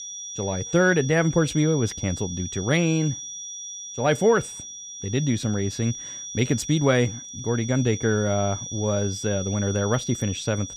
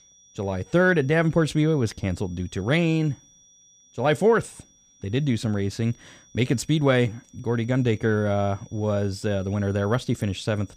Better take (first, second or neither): second